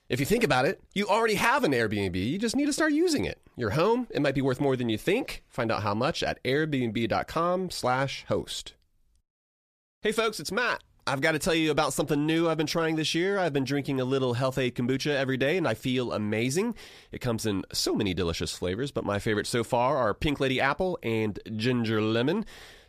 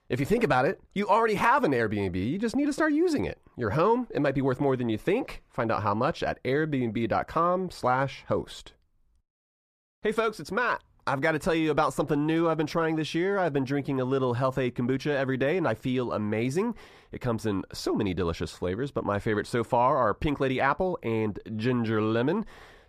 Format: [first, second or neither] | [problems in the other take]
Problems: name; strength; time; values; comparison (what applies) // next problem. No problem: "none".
first | muffled; slightly; fading above 2.5 kHz